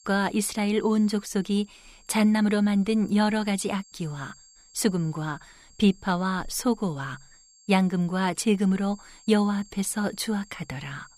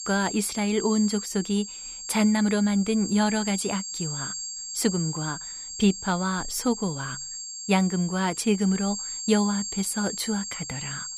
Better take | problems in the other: first | high-pitched whine; loud; throughout; 7.5 kHz, 7 dB below the speech; faint in the first

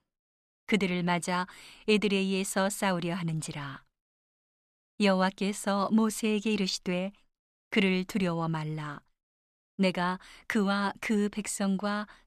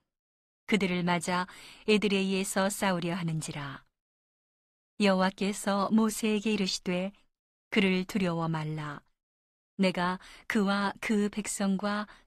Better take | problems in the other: first | garbled, watery; slightly; nothing above 14.5 kHz

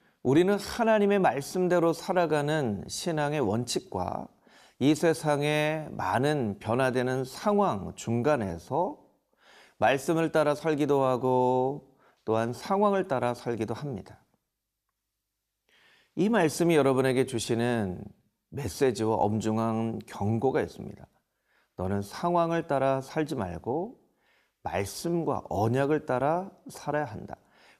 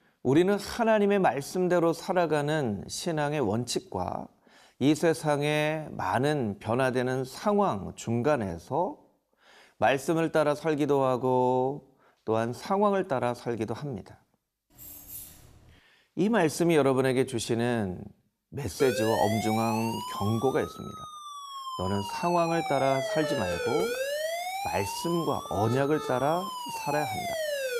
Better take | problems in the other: first | jangling keys; faint; from 15 to 16 s; peak 15 dB below the speech // siren; noticeable; from 19 s on; peak 2 dB below the speech

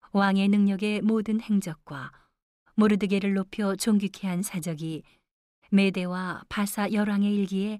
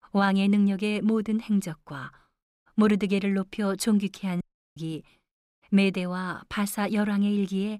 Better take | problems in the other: first | audio cutting out; at 4.5 s

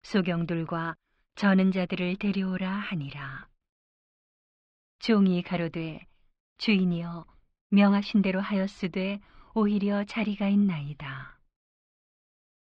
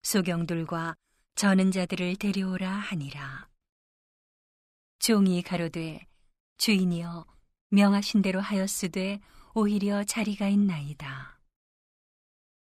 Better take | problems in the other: second | muffled; slightly; fading above 3.5 kHz

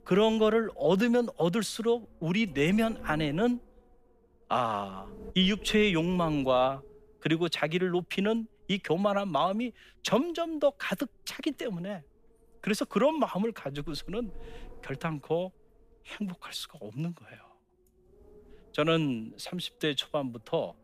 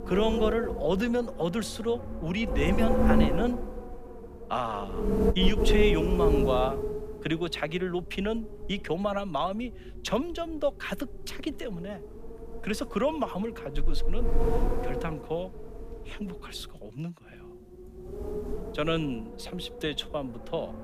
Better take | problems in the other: first | wind noise on the microphone; heavy; 2 dB below the speech; occasional gusts in the first

